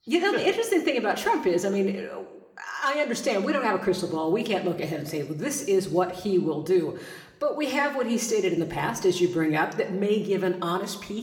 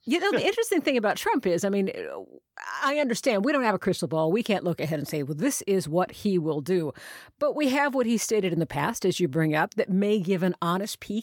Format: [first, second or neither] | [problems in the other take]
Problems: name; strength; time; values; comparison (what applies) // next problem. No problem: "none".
second | room echo; very slight; dies away in 0.8 s